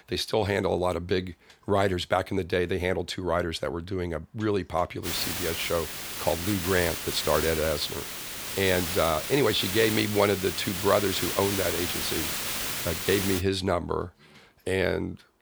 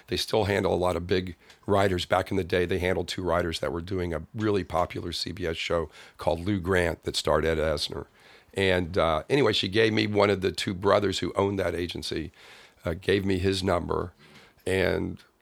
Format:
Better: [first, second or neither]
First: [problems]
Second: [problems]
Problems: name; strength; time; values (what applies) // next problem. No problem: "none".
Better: second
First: hiss; loud; from 5 to 13 s; 3 dB below the speech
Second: none